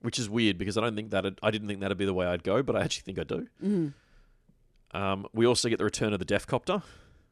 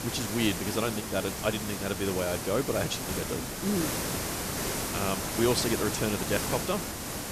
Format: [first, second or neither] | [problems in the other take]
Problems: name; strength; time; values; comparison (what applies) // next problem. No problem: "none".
first | hiss; loud; throughout; 1 dB below the speech